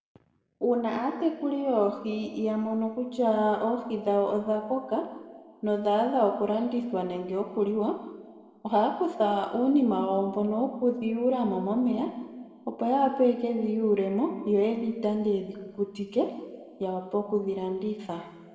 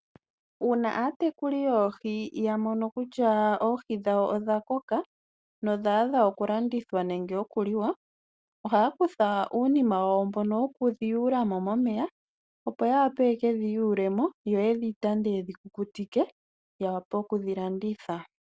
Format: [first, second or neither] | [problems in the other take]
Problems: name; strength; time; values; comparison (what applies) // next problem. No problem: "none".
second | room echo; dies away in 1.5 s